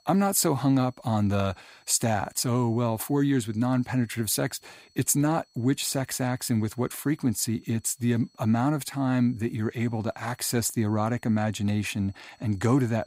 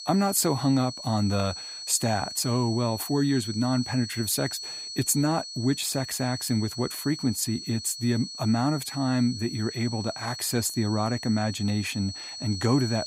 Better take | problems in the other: first | high-pitched whine; loud; throughout; 4.5 kHz, 9 dB below the speech; faint in the first

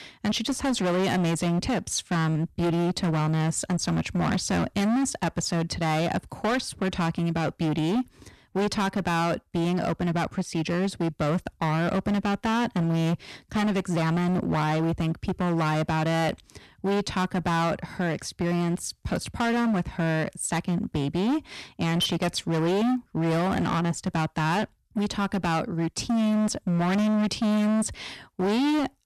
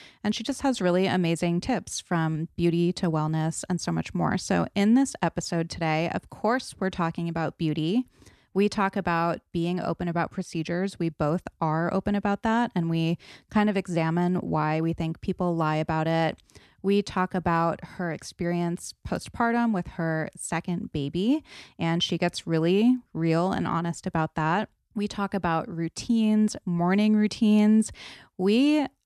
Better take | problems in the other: second | distortion; heavy; 25% of the sound clipped

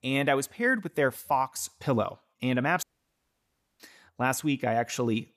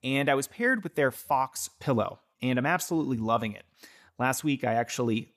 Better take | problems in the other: second | audio cutting out; at 3 s for 1 s

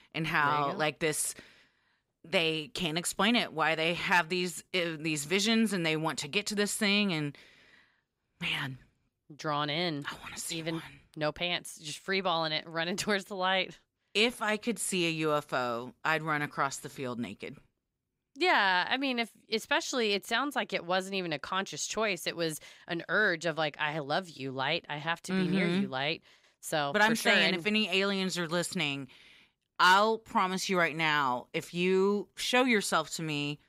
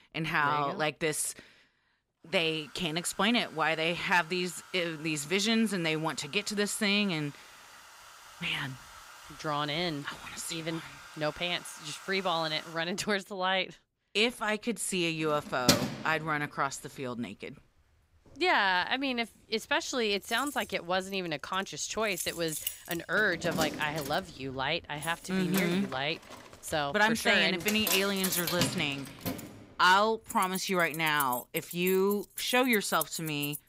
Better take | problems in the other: first | household noises; loud; throughout; 7 dB below the speech

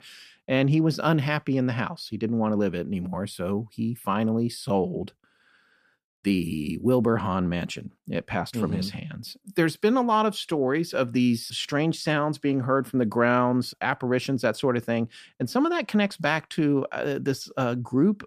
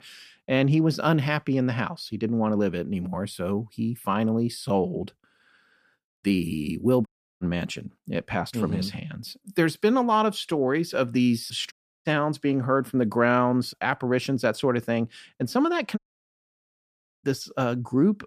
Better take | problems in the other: first | audio cutting out; at 7 s, at 12 s and at 16 s for 1.5 s

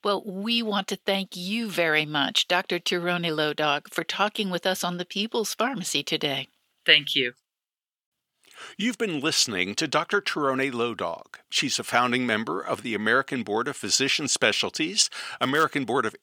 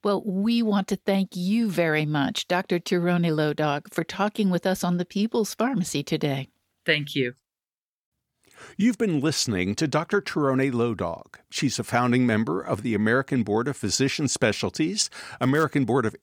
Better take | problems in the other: second | thin; somewhat; fading below 1 kHz

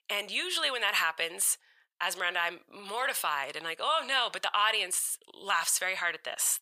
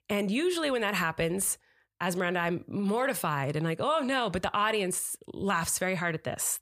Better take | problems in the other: second | thin; very; fading below 900 Hz

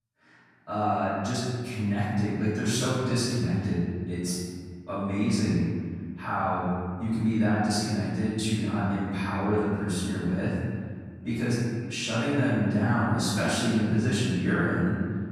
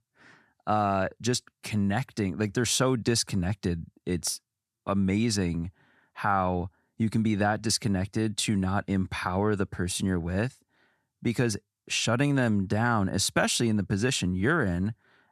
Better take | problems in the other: second | room echo; strong; dies away in 1.8 s // off-mic speech; far

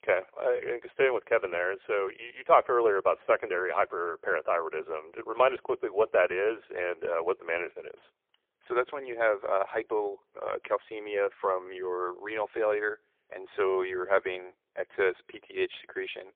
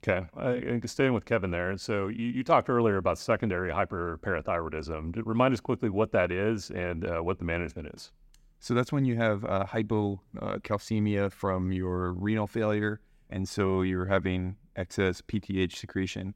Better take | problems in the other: second | phone-call audio; poor line; nothing above 3.5 kHz

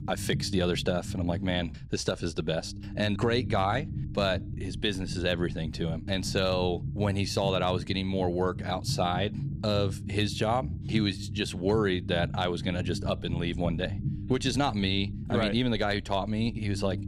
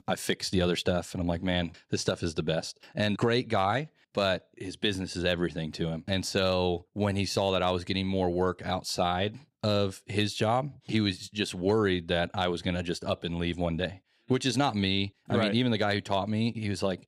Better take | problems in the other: second | low rumble; noticeable; throughout; 15 dB below the speech

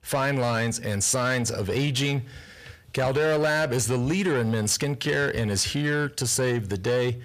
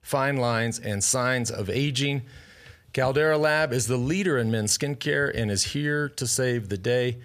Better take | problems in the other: second | distortion; slight; 10 dB below the speech

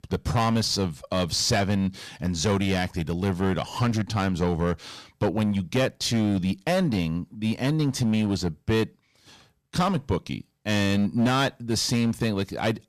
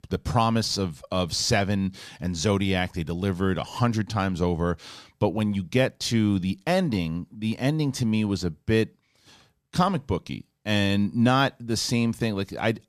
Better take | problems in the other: second | distortion; slight; 8% of the sound clipped

